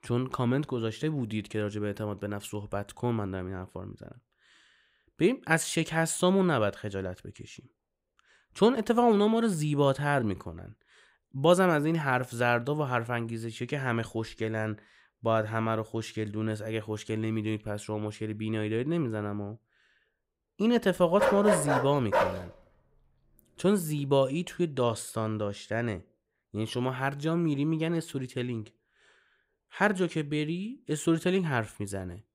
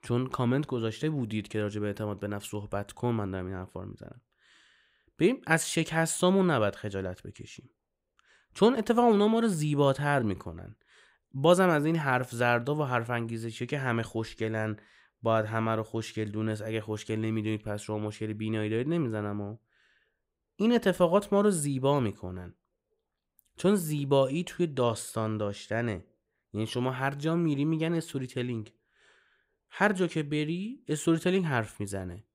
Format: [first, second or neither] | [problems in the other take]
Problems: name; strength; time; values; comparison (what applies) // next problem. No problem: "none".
second | dog barking; loud; from 21 to 22 s; peak 3 dB above the speech